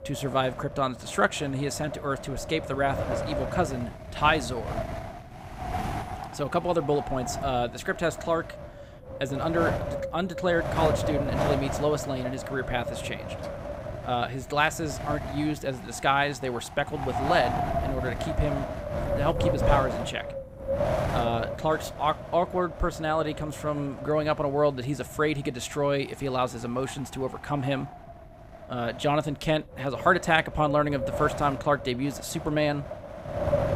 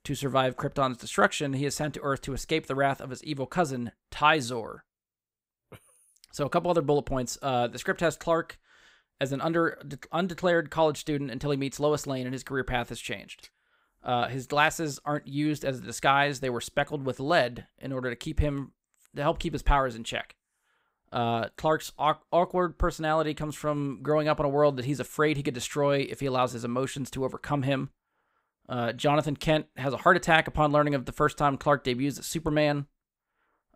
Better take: second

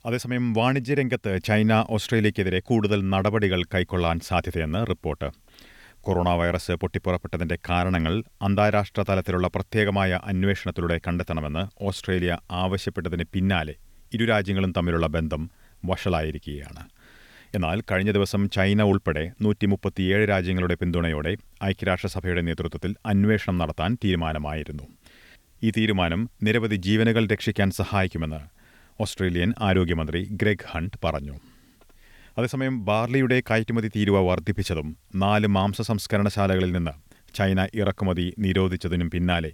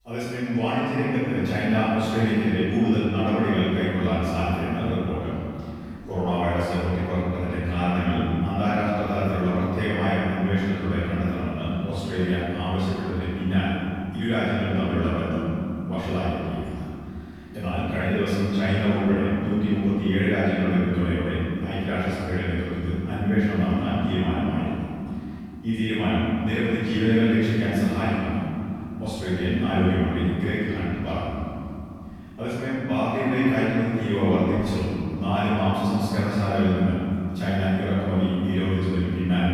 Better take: first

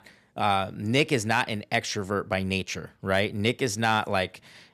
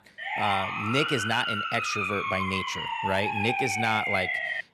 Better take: first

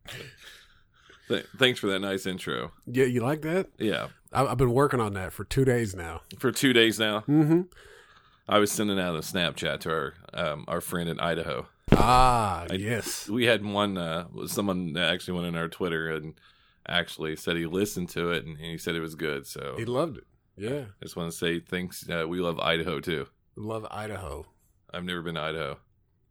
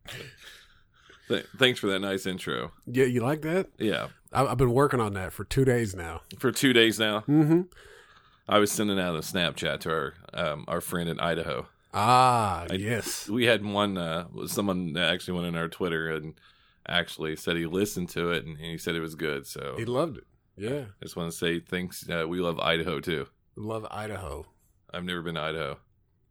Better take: second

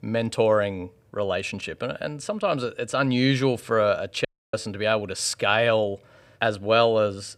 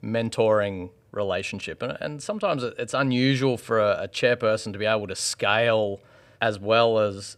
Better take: second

